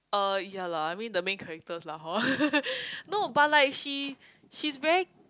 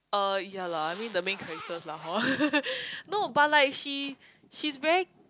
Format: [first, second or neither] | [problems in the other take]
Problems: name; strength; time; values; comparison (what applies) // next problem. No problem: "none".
first | background sound (Zipper (clothing)); 17 dB below the speech